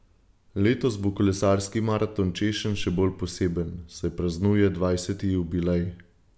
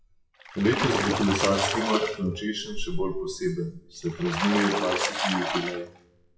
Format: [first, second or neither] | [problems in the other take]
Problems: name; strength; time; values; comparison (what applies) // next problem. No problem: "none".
first | noise reduction (classical method WPE with log-MMSE)